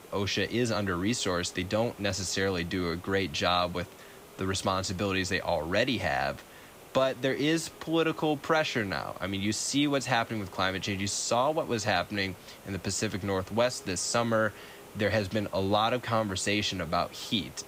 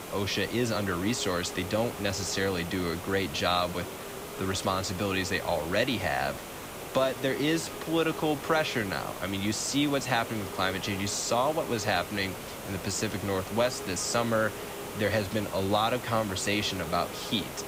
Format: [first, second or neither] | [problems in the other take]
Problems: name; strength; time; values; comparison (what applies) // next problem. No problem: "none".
first | hiss; loud; throughout; 9 dB below the speech; faint in the first